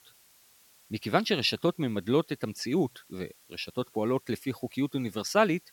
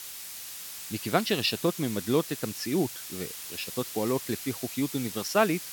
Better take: first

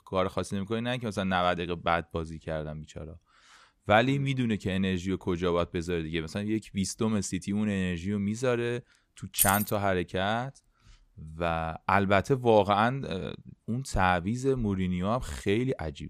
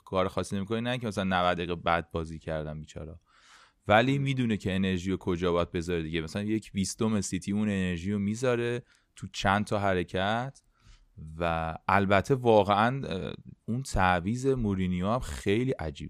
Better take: second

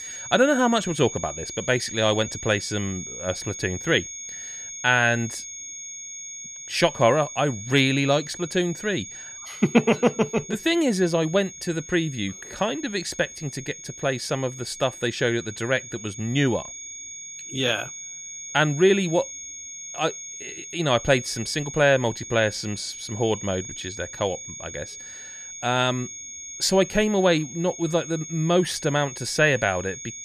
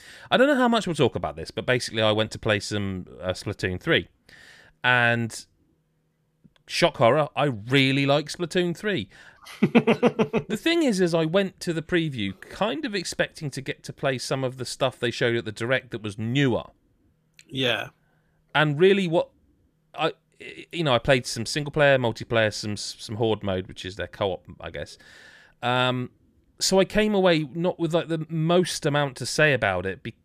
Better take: second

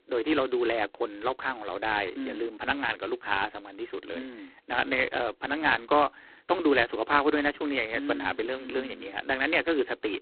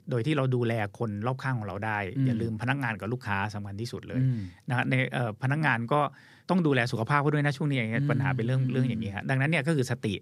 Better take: second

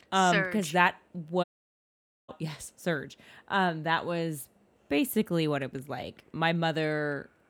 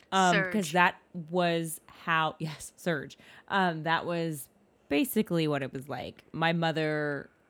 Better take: second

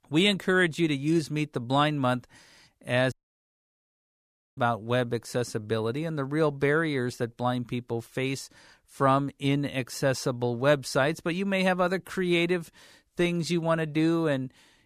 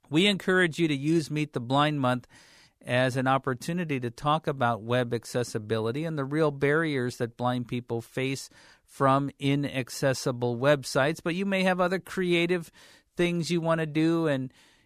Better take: second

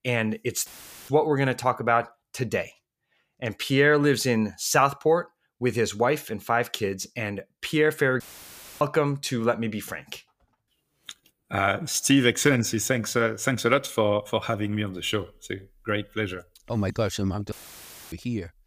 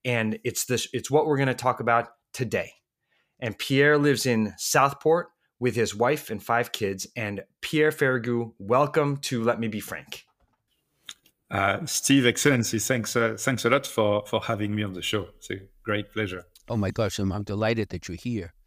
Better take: second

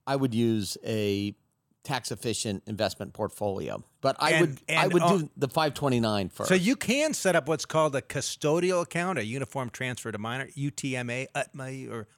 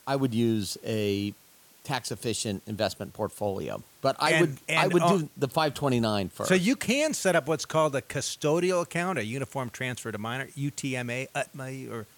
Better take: first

